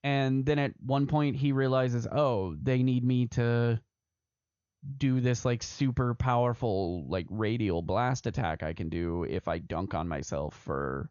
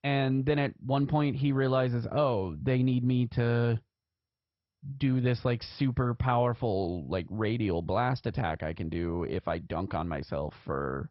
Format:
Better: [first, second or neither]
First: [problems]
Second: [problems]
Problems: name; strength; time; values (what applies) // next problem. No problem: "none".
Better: first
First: garbled, watery; slightly; nothing above 6.5 kHz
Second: garbled, watery; badly; nothing above 5.5 kHz